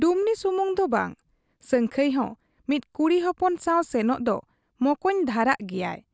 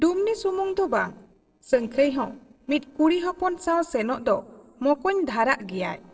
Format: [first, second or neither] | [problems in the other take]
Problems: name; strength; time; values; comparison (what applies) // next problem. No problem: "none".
first | noise reduction (neural separator model SepFormer DNS4)